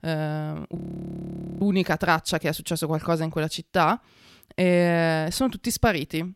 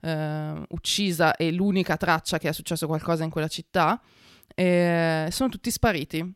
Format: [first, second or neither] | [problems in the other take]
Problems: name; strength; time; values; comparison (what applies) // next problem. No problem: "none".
second | audio freezing; at 1 s for 1 s